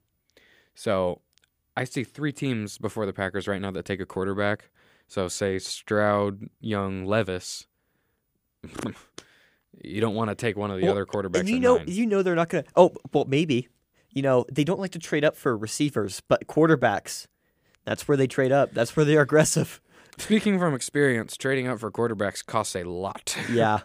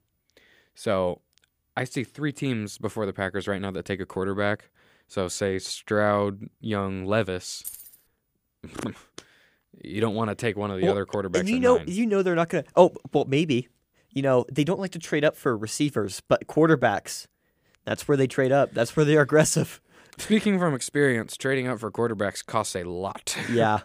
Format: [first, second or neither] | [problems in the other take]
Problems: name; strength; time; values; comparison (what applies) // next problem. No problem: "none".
first | jangling keys; faint; at 7.5 s; peak 15 dB below the speech